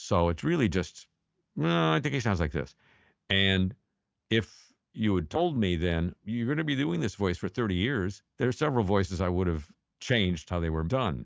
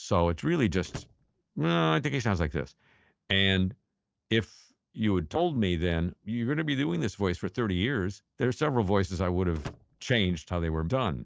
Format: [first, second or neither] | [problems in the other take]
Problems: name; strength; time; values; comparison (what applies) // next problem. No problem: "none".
first | noise reduction (neural separator model SepFormer DNS4)